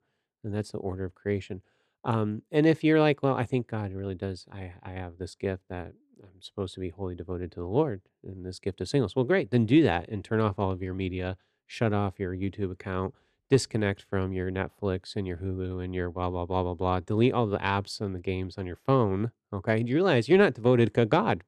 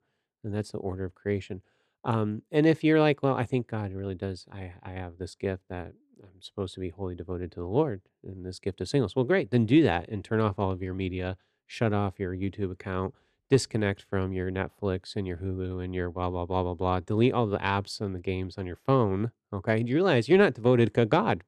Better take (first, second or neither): neither